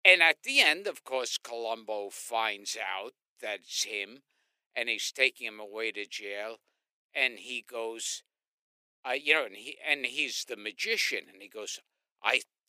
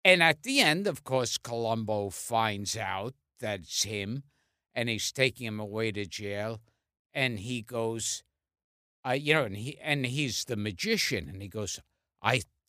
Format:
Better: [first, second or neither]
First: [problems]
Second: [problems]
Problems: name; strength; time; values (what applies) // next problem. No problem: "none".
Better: second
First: thin; very; fading below 350 Hz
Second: none